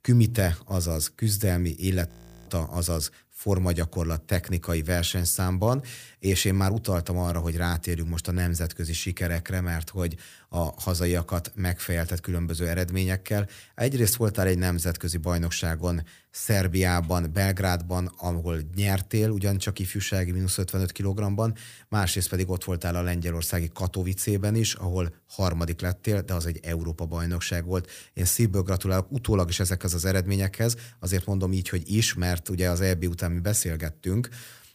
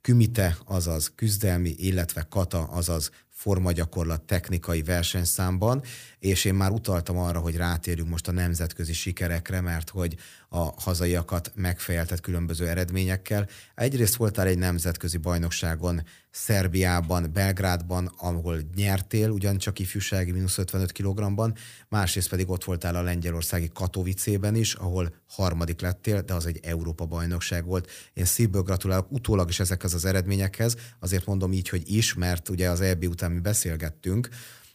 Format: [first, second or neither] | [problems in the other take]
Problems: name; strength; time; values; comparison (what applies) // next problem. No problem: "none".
second | audio freezing; at 2 s